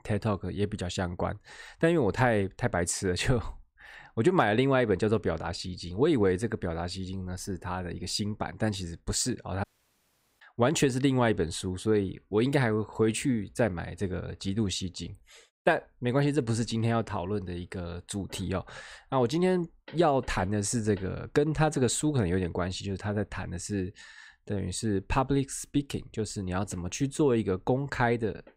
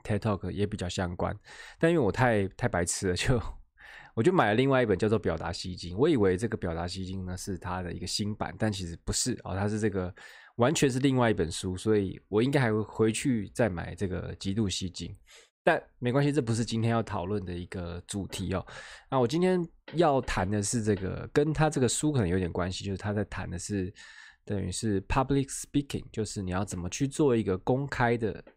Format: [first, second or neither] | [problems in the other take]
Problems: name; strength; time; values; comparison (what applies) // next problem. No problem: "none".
second | audio cutting out; at 9.5 s for 1 s